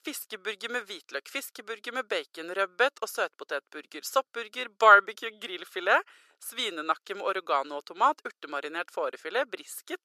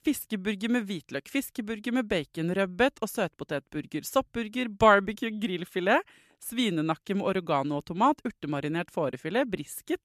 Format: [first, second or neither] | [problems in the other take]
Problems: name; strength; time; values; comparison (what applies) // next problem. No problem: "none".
second | thin; very; fading below 450 Hz